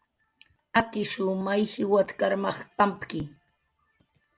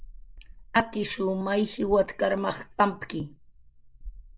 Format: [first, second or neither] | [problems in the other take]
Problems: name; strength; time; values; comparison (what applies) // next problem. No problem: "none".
first | noise reduction (neural mask model Resemble Enhance denoiser)